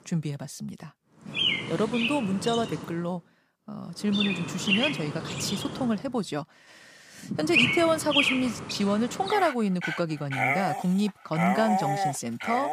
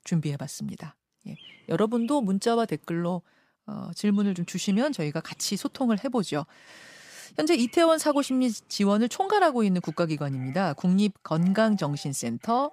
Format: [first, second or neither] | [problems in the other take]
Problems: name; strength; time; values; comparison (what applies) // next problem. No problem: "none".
second | animal sounds; loud; throughout; as loud as the speech; faint in the second